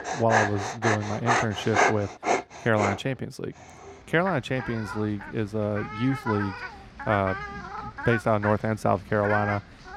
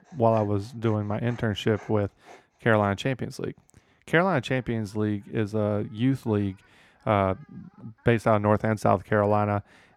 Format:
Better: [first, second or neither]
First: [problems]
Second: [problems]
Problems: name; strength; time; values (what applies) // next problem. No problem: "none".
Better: second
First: animal sounds; loud; throughout; 2 dB below the speech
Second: animal sounds; faint; throughout; 30 dB below the speech